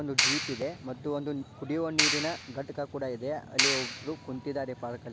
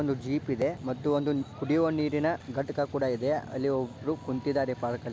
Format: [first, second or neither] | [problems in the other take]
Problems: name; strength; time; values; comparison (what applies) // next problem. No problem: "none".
second | background sound (Clapping); 2 dB above the speech